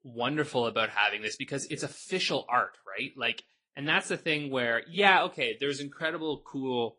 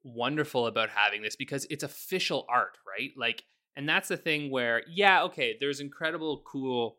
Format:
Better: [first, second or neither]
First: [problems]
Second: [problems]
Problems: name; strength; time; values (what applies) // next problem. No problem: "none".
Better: second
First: garbled, watery; slightly; nothing above 10 kHz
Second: none